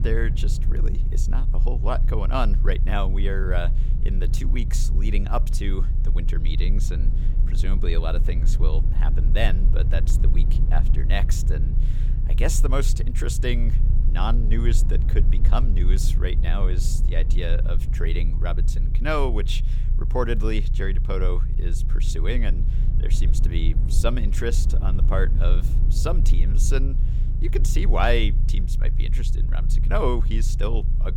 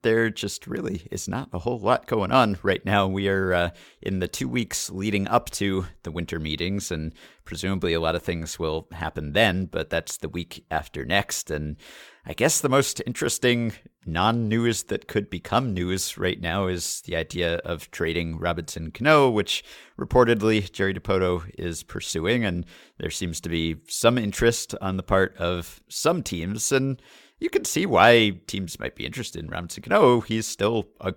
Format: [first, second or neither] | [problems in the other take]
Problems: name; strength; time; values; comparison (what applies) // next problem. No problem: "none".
second | low rumble; noticeable; throughout; 10 dB below the speech